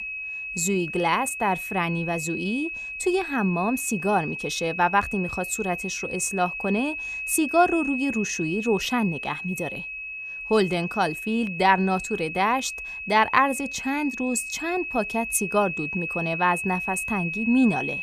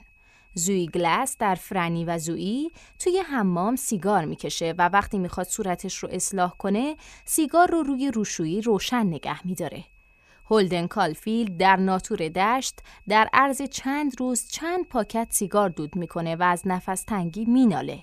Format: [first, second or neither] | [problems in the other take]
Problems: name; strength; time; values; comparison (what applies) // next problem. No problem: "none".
second | high-pitched whine; loud; throughout; 2.5 kHz, 6 dB below the speech; faint in the second